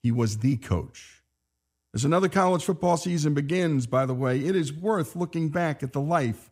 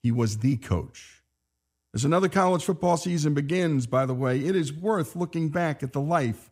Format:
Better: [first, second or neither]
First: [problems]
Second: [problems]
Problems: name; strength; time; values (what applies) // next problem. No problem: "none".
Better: neither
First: none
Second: none